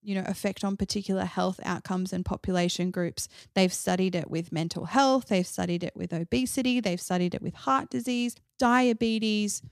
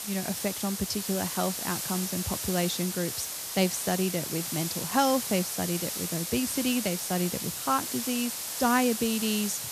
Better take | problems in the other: first | hiss; loud; throughout; 2 dB below the speech

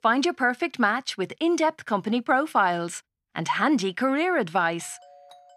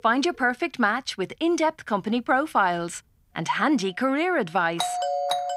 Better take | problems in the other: first | alarms or sirens; loud; throughout; 3 dB below the speech; faint in the first

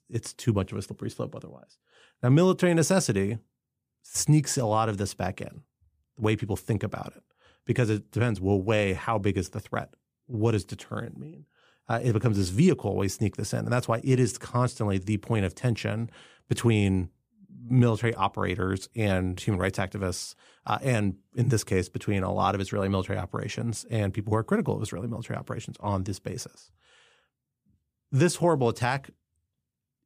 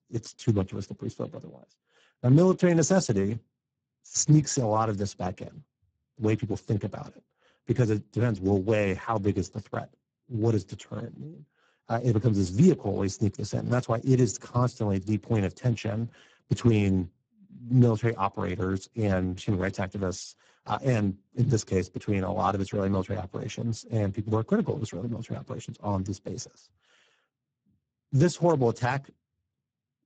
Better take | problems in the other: first | garbled, watery; badly; nothing above 7.5 kHz

